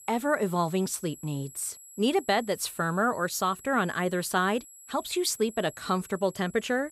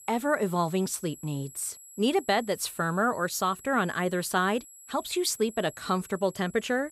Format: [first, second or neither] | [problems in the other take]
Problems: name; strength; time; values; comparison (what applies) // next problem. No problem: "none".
neither | high-pitched whine; noticeable; throughout; 7.5 kHz, 20 dB below the speech; the same in both